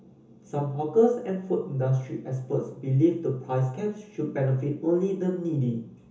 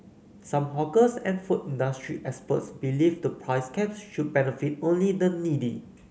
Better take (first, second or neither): second